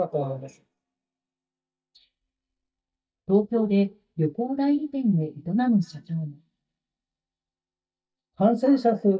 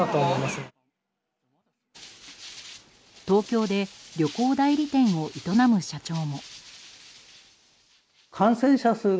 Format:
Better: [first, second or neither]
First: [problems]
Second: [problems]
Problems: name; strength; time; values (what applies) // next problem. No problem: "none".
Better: second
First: noise reduction (neural mask model DeepFilterNet 3)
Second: none